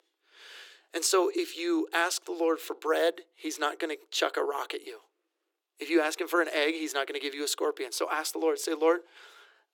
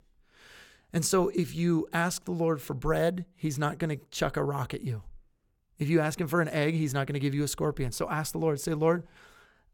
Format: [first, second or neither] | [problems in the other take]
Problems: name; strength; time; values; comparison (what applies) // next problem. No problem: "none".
second | thin; very; fading below 300 Hz